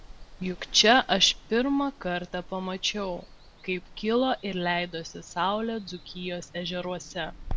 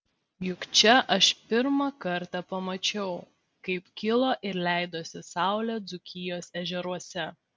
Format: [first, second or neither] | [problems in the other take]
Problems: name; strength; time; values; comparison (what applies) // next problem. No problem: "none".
second | background sound (Water); 14 dB below the speech